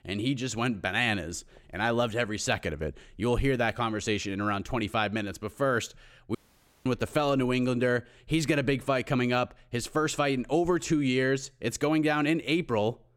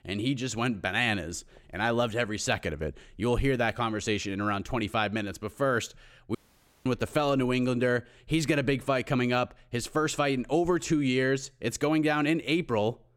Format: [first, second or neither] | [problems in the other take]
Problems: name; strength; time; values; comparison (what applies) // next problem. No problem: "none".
neither | audio cutting out; at 6.5 s for 0.5 s; the same in both